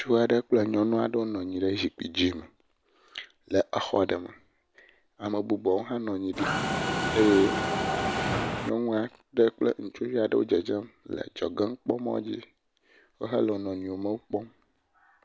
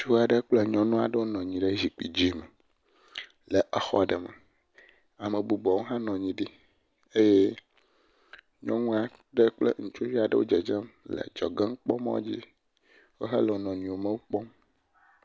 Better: second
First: background sound (Mechanisms); as loud as the speech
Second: none

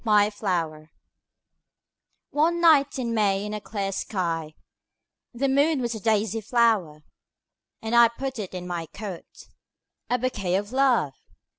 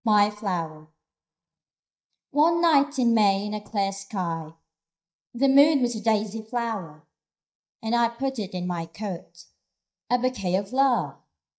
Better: first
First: none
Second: noise reduction (neural mask model DeepFilterNet 3)

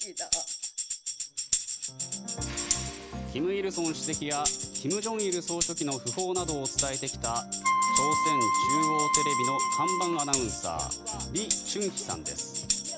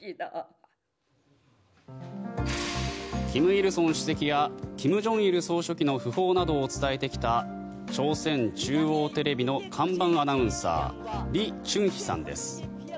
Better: second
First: background sound (Wind instrument, woodwind instrument + Tambourine); 4 dB above the speech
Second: none

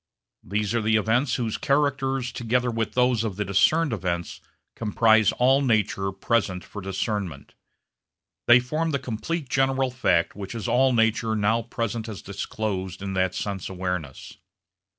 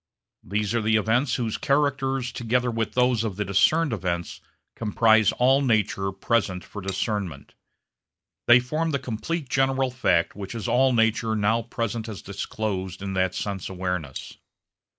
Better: first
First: none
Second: noise reduction (neural mask model Resemble Enhance denoiser)

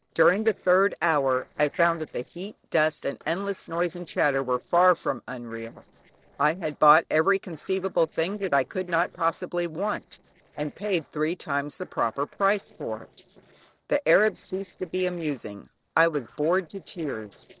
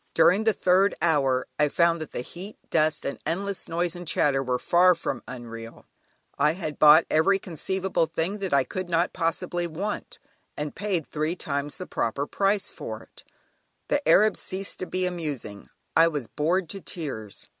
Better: second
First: noise reduction (neural separator model SepFormer DNS4)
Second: none

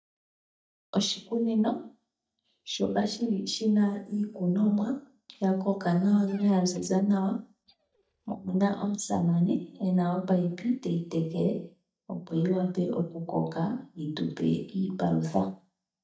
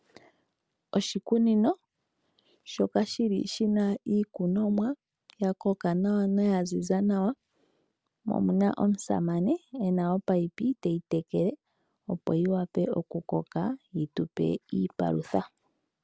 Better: second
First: noise reduction (neural mask model DeepFilterNet 3)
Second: none

